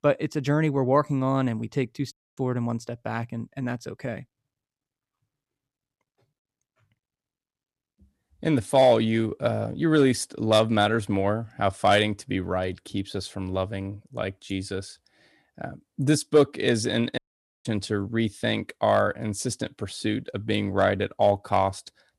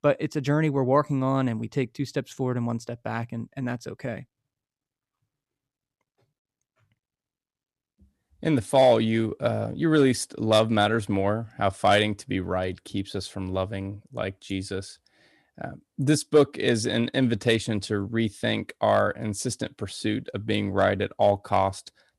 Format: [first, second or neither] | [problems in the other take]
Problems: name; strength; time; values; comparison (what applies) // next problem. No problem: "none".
second | audio cutting out; at 2 s and at 17 s